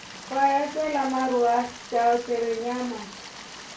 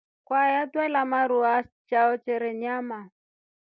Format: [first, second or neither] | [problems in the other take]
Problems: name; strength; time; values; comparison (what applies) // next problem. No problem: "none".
second | background sound (Stream); 16 dB below the speech // room echo; dies away in 0.3 s